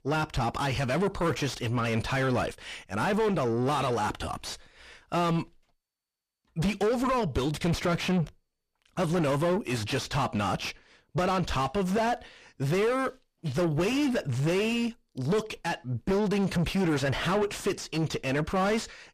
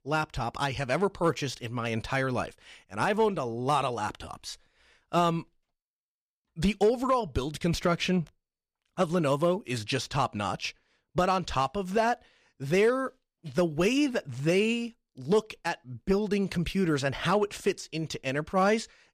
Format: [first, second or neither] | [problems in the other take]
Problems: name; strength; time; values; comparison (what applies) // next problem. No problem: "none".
second | distortion; heavy; 6 dB below the speech